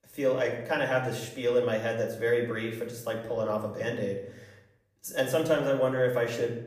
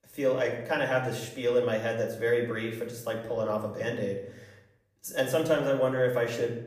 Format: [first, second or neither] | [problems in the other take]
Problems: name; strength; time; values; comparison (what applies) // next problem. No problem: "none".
neither | room echo; slight; dies away in 0.6 s; the same in both // off-mic speech; far; the same in both